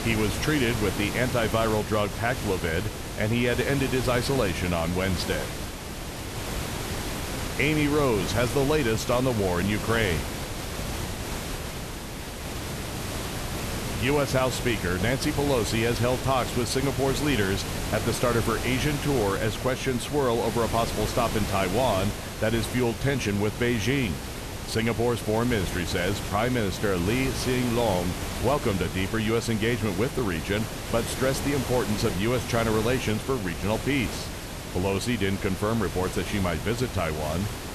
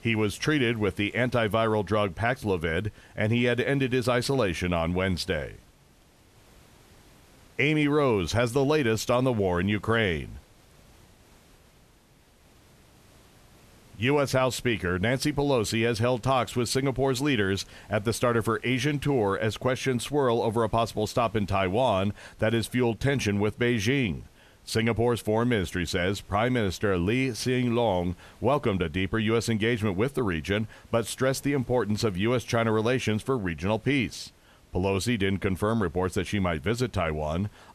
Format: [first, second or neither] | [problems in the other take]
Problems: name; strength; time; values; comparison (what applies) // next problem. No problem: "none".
second | hiss; loud; throughout; 6 dB below the speech; faint in the second